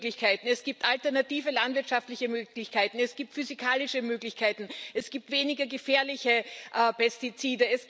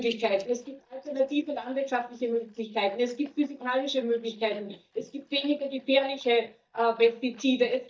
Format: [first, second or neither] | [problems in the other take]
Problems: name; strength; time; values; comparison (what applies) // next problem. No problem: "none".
first | noise reduction (neural mask model DeepFilterNet 3)